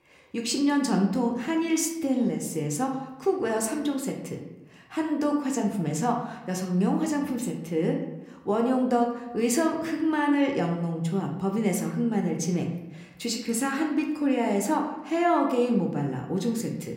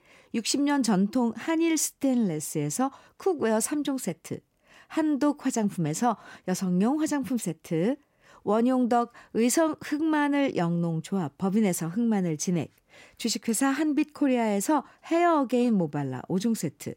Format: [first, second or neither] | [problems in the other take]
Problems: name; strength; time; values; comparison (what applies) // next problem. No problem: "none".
second | room echo; slight; dies away in 0.8 s